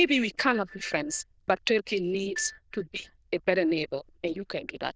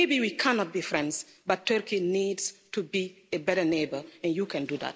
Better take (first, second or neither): second